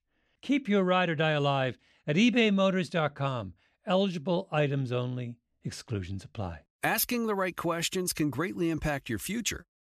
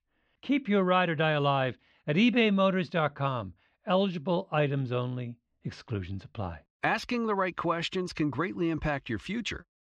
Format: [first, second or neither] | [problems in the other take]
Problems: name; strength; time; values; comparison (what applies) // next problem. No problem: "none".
first | muffled; slightly; fading above 4 kHz